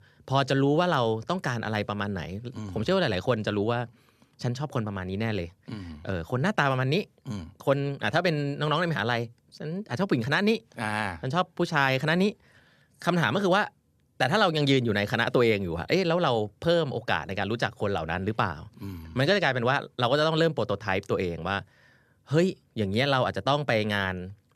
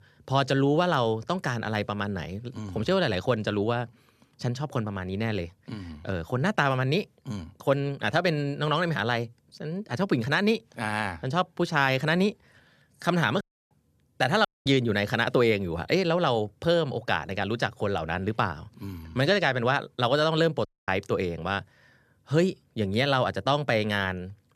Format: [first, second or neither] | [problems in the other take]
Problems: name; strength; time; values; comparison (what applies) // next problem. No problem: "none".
first | audio cutting out; at 13 s, at 14 s and at 21 s